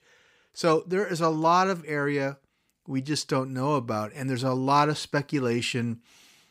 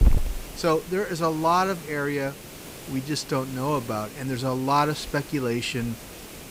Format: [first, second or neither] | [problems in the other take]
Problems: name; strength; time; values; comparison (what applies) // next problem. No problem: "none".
first | hiss; noticeable; throughout; 10 dB below the speech